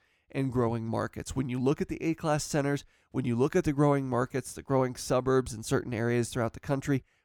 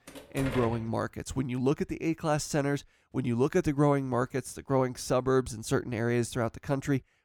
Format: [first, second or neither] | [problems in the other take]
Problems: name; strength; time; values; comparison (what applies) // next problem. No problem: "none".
first | door banging; noticeable; at the start; peak 7 dB below the speech